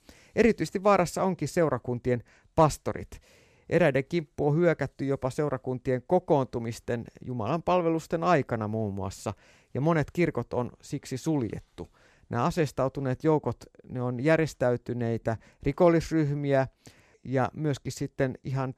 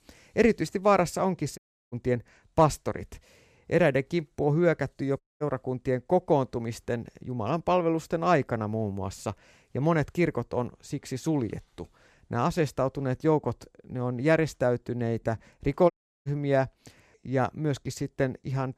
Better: first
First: none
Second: audio cutting out; at 1.5 s, at 5 s and at 16 s

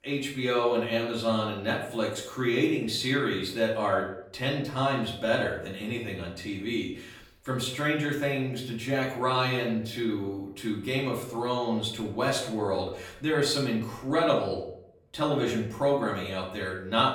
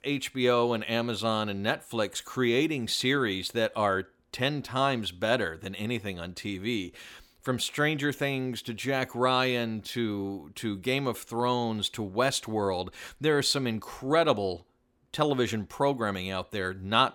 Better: second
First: room echo; slight; dies away in 0.6 s // off-mic speech; far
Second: none

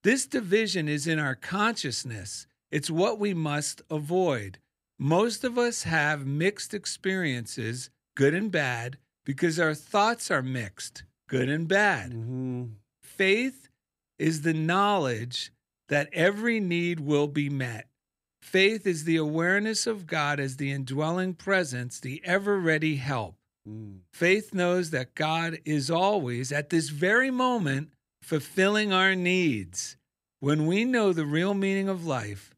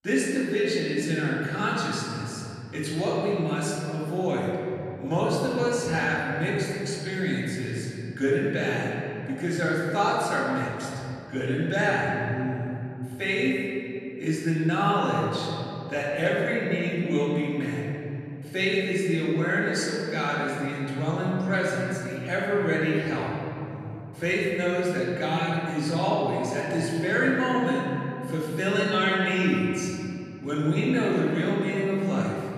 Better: first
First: none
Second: room echo; strong; dies away in 2.9 s // off-mic speech; far

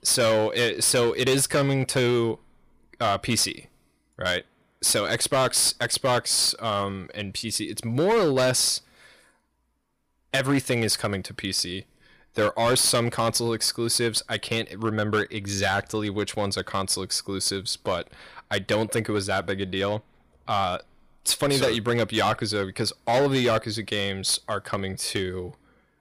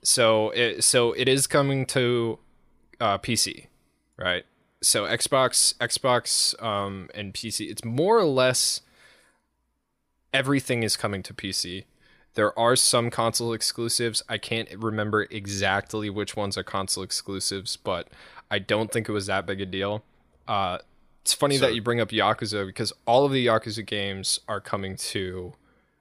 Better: second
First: distortion; slight; 6% of the sound clipped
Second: none

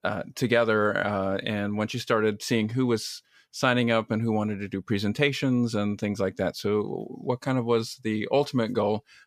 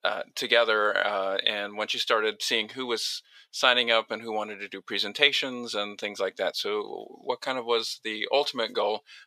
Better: first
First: none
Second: thin; very; fading below 600 Hz

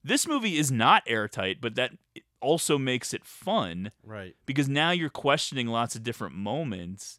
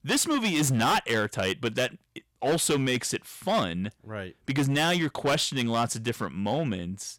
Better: first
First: none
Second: distortion; heavy; 10% of the sound clipped

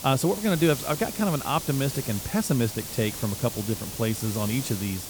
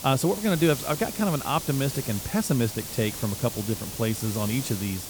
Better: neither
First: hiss; loud; throughout; 7 dB below the speech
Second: hiss; loud; throughout; 7 dB below the speech

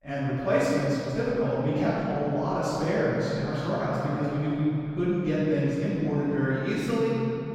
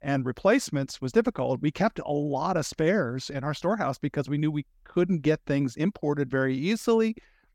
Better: second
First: room echo; strong; dies away in 3 s // off-mic speech; far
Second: none

